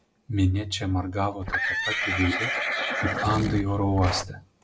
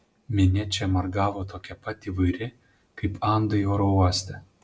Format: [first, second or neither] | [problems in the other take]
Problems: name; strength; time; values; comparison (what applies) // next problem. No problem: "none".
second | background sound (Livestock, farm animals, working animals); 1 dB below the speech